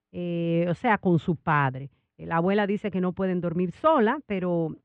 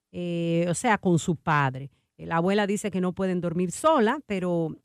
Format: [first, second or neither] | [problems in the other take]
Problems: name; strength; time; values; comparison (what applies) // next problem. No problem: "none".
second | muffled; very; fading above 3 kHz